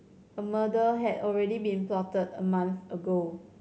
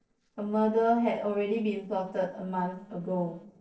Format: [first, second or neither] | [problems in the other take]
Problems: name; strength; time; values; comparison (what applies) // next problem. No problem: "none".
first | noise reduction (neural separator model SepFormer DNS4)